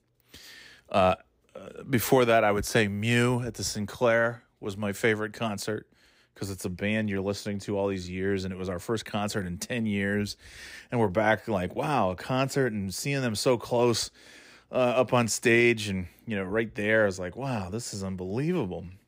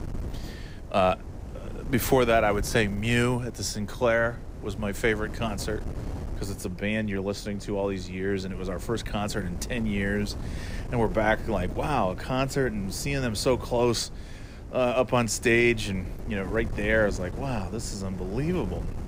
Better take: first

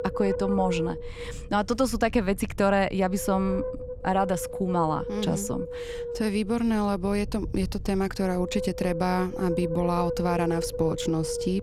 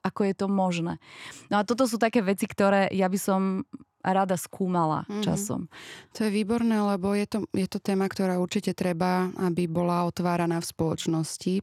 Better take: second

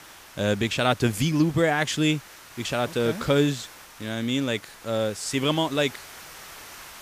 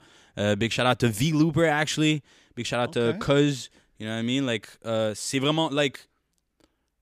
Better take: second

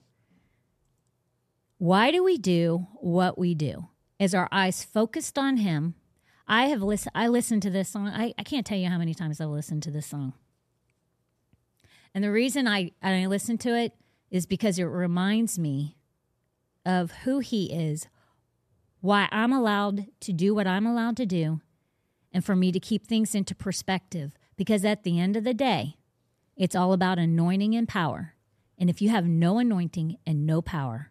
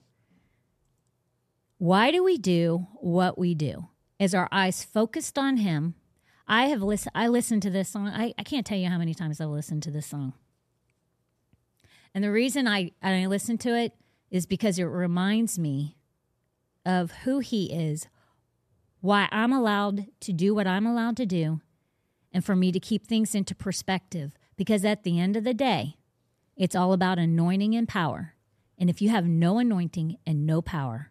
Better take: neither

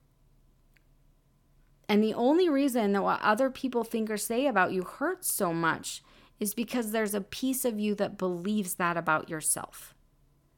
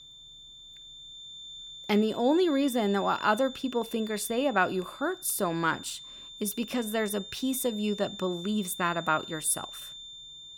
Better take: first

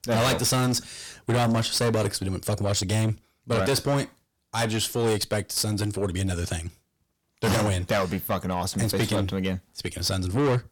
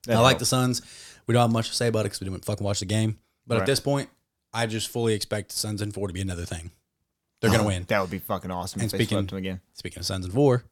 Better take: second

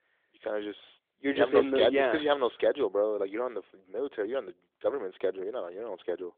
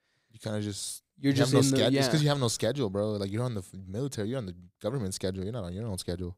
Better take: second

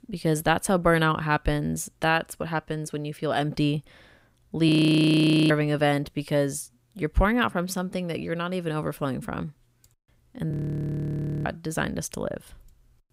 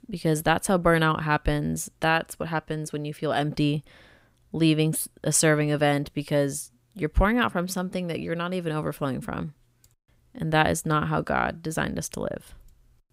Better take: second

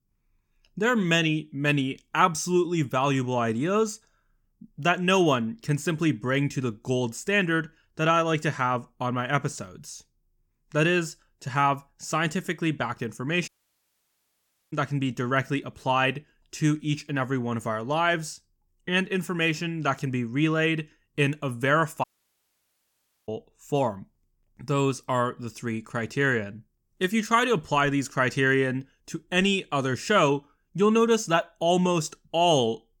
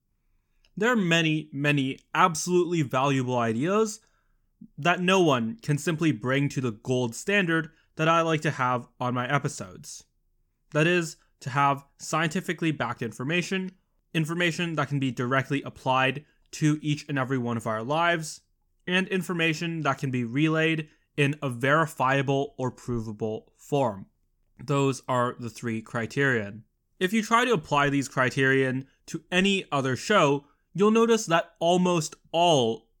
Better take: second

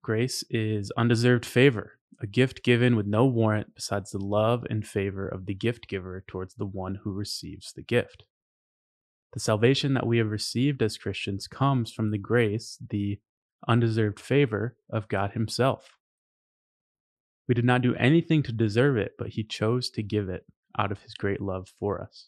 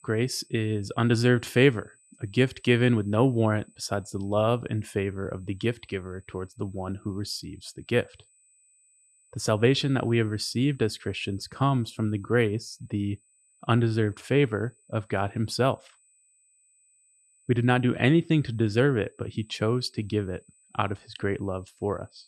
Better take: first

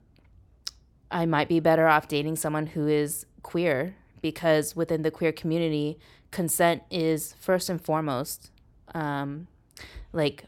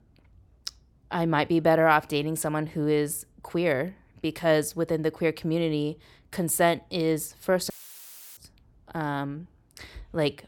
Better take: first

